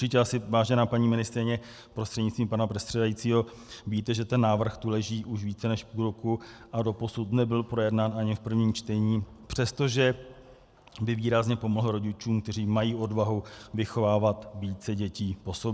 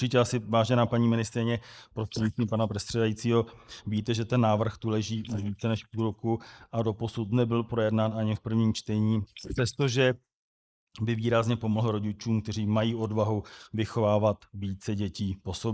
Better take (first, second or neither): first